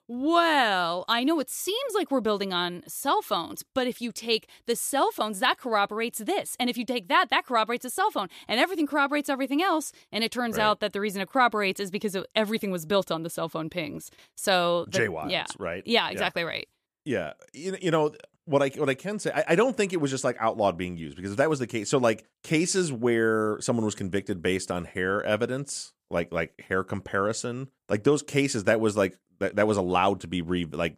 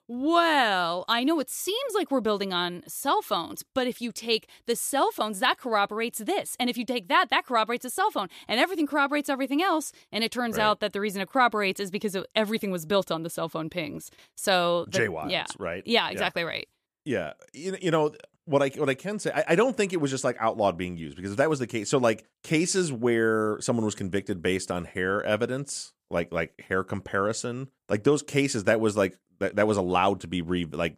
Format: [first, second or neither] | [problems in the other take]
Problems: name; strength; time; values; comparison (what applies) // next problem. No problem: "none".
neither | none